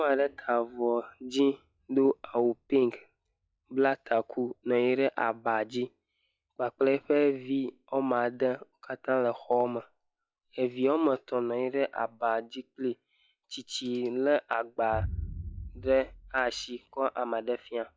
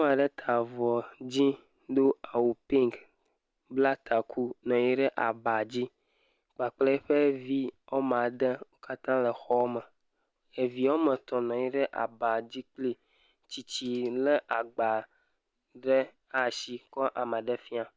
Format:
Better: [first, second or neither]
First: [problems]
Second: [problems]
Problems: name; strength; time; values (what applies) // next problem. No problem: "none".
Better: second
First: noise reduction (classical method log-MMSE)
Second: none